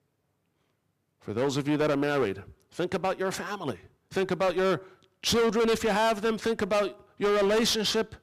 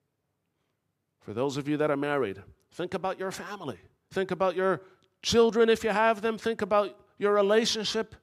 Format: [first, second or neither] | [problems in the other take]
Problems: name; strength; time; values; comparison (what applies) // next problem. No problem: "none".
second | distortion; heavy; 15% of the sound clipped